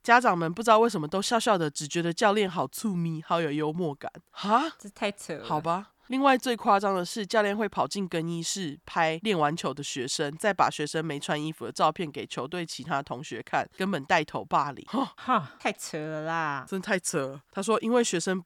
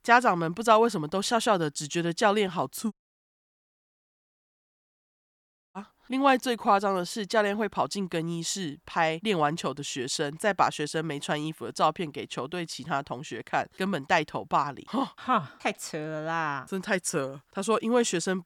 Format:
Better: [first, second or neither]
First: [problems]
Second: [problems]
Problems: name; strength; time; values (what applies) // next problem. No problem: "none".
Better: first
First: none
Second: audio cutting out; at 3 s for 3 s